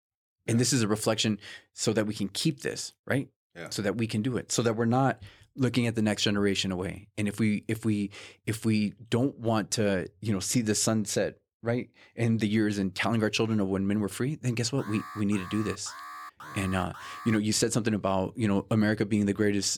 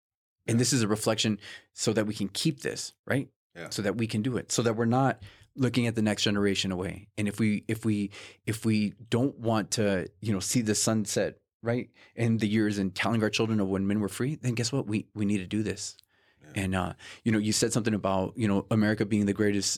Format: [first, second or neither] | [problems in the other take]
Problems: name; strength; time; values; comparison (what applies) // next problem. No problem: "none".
second | alarm; faint; from 15 to 17 s; peak 15 dB below the speech